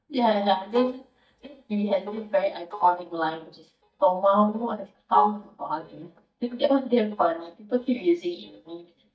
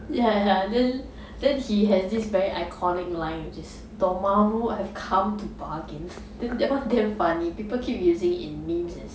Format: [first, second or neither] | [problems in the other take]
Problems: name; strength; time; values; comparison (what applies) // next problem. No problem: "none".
second | noise reduction (neural mask model DeepFilterNet 3)